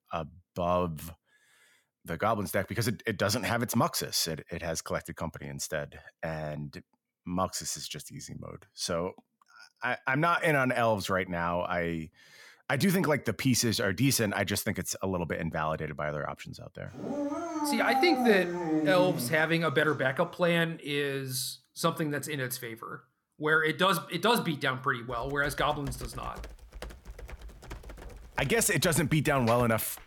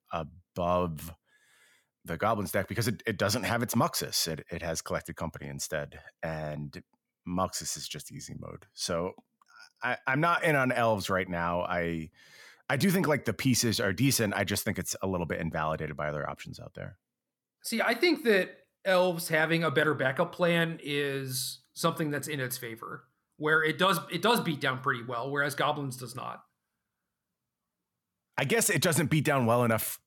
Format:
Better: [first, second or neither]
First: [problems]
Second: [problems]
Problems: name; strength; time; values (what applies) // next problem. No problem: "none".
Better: second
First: dog barking; loud; from 17 to 19 s; peak level with the speech // keyboard typing; faint; from 25 s on; peak 10 dB below the speech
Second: none